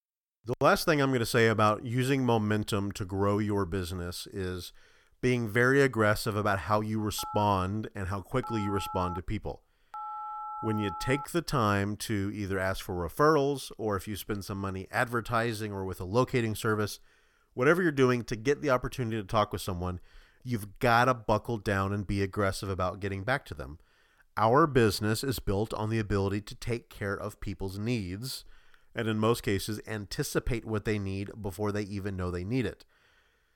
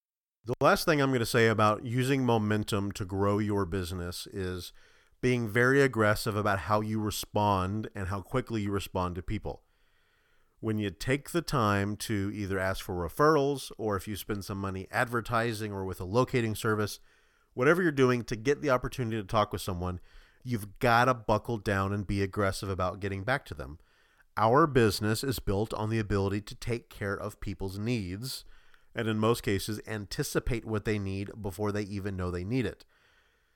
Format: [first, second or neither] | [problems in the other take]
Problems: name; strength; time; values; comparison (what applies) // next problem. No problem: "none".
second | phone ringing; noticeable; from 7 to 11 s; peak 8 dB below the speech